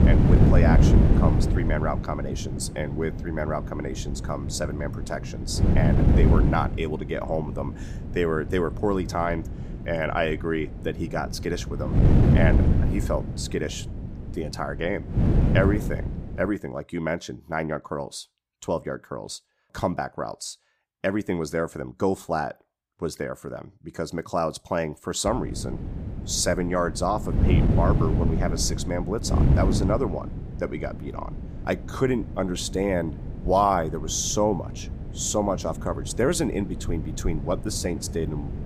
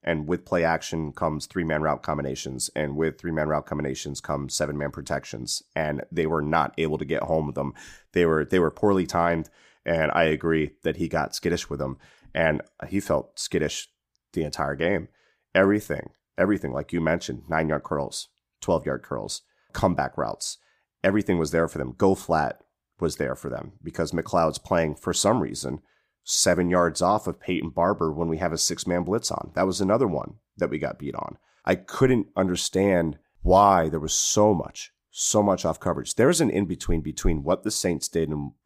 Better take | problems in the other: second | wind noise on the microphone; heavy; until 16 s and from 25 s on; 6 dB below the speech

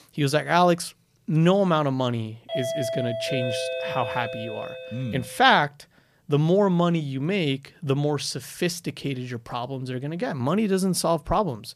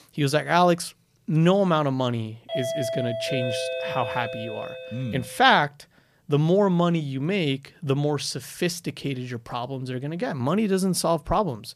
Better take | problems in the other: neither | doorbell; noticeable; from 2.5 to 5.5 s; peak 4 dB below the speech; the same in both

